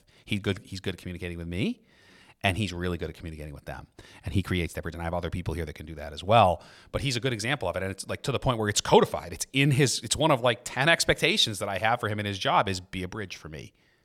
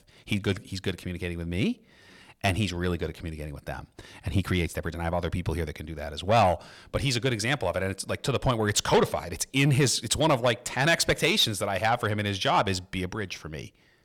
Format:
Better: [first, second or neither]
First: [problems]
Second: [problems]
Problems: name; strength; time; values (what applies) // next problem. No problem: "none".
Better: first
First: none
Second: distortion; slight; 10 dB below the speech